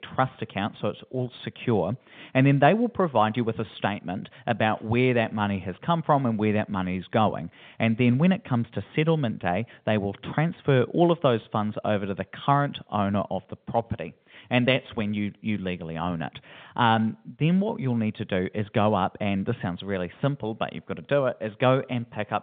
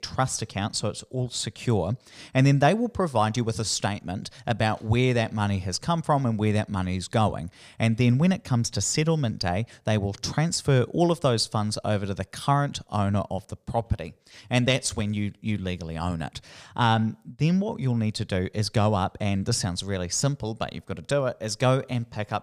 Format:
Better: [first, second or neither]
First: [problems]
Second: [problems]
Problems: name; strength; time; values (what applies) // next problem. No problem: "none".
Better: second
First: phone-call audio; nothing above 3.5 kHz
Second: none